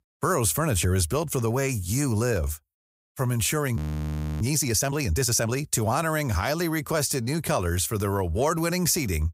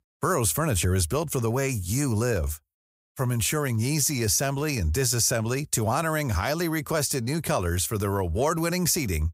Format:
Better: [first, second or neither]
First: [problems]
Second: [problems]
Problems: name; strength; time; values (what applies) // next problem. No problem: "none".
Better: second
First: audio freezing; at 4 s for 0.5 s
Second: none